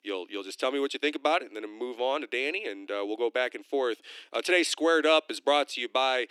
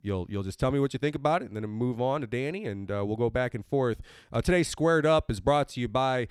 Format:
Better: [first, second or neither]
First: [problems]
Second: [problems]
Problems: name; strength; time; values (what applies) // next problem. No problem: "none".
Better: second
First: thin; somewhat; fading below 300 Hz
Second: none